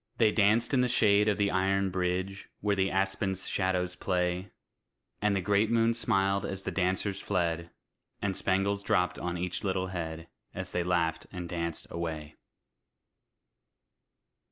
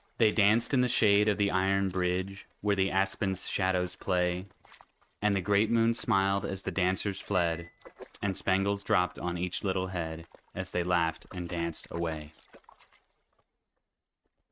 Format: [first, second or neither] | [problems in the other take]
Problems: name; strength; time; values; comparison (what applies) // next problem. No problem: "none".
first | noise reduction (neural mask model RNNoise)